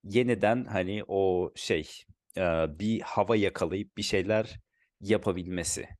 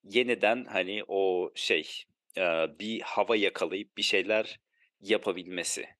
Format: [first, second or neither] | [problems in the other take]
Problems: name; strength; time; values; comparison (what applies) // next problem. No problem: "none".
first | thin; very slightly; fading below 350 Hz